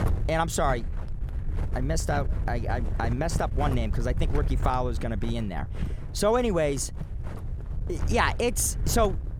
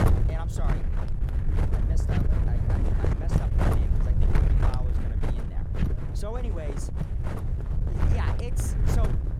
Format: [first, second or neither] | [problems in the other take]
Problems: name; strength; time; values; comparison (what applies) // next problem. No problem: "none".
first | wind noise on the microphone; heavy; 4 dB above the speech; occasional gusts in the first